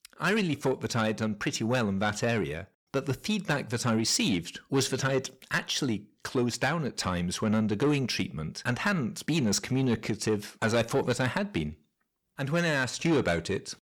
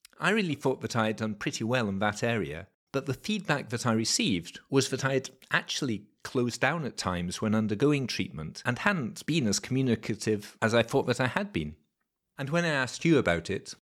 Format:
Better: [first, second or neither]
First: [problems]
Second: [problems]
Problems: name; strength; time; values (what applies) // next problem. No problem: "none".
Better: second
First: distortion; slight; 10 dB below the speech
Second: none